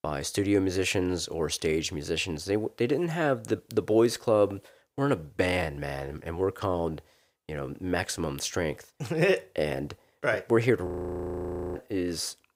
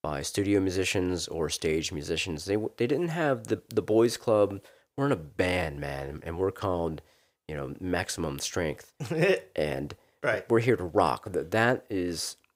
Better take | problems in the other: second | audio freezing; at 11 s for 1 s

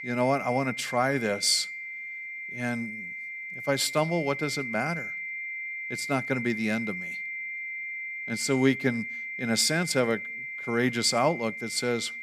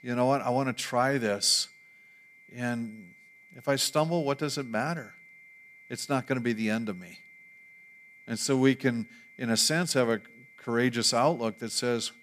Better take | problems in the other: second | high-pitched whine; loud; throughout; 2 kHz, 7 dB below the speech; faint in the second

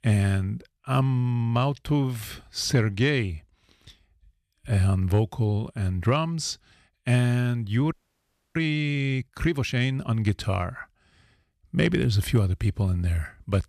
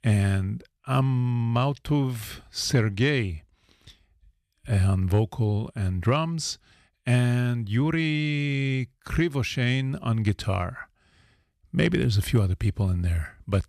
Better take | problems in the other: second | audio freezing; at 8 s for 0.5 s

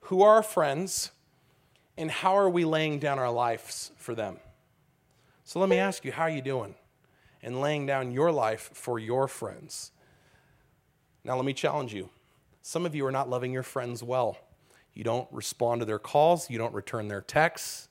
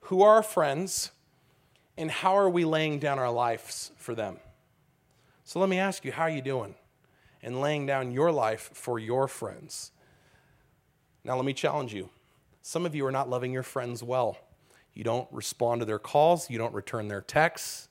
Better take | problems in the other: second | clattering dishes; noticeable; at 5.5 s; peak 2 dB below the speech

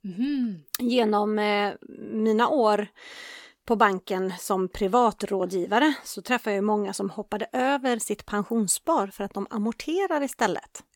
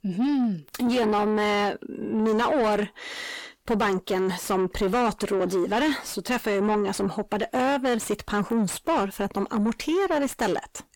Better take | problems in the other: first | distortion; heavy; 7 dB below the speech

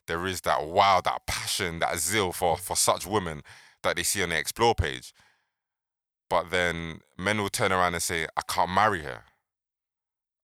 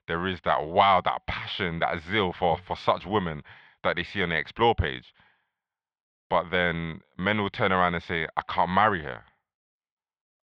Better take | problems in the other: first | muffled; very; fading above 3.5 kHz

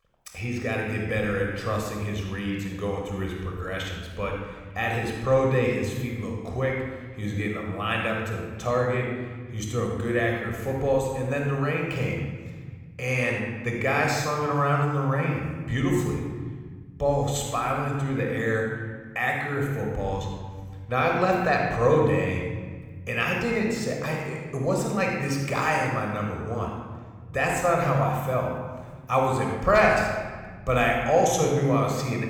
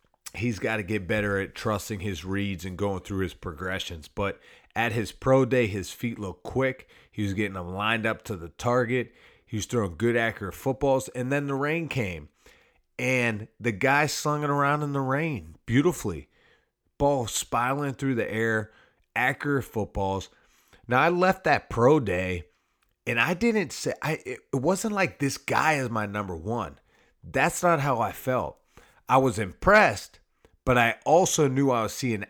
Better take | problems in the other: second | room echo; noticeable; dies away in 1.7 s // off-mic speech; somewhat distant

